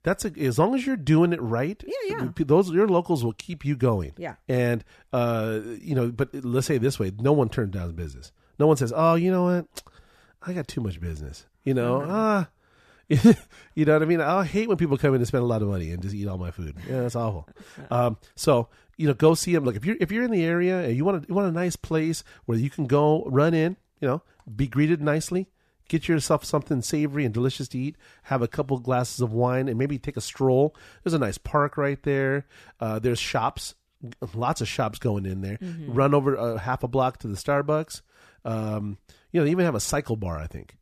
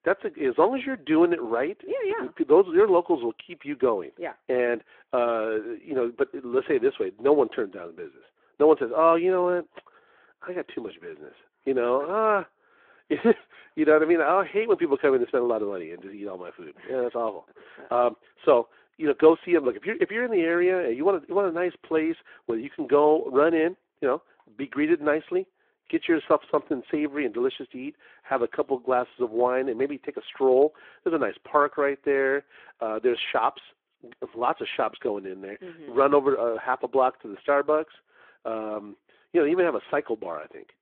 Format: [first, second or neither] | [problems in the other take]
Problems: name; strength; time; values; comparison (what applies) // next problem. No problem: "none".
first | phone-call audio